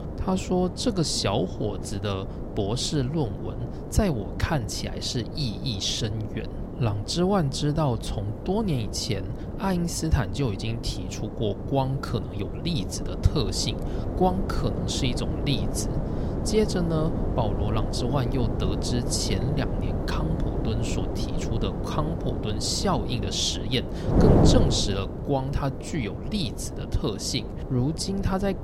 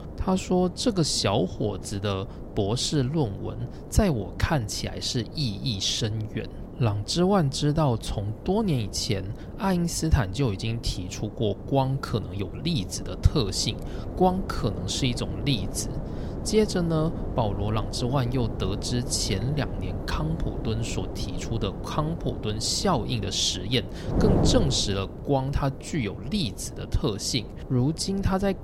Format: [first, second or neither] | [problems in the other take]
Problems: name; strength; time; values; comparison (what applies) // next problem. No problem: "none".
second | wind noise on the microphone; heavy; 5 dB below the speech; occasional gusts in the second